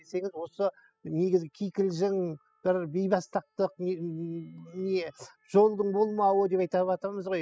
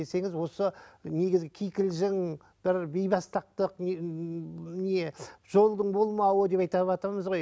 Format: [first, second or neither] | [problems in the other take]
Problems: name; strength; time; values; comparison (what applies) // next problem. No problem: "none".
second | noise reduction (classical method spectral subtraction)